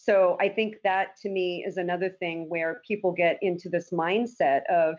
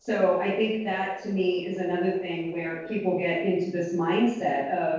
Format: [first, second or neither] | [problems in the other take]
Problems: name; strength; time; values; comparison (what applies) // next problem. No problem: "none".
first | noise reduction (neural separator model SepFormer DNS4)